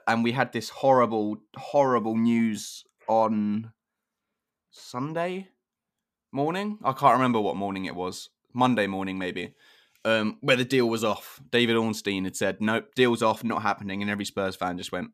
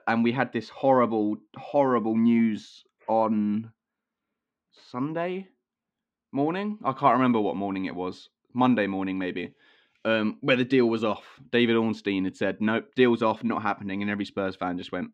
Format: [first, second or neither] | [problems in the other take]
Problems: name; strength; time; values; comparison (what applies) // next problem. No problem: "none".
first | muffled; slightly; fading above 3 kHz